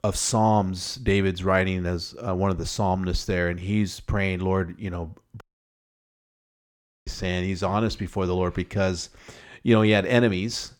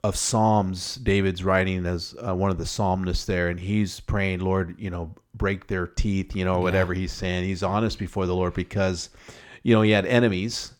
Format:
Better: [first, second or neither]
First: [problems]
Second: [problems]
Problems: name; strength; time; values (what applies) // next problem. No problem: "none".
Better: second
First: audio cutting out; at 5.5 s for 1.5 s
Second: none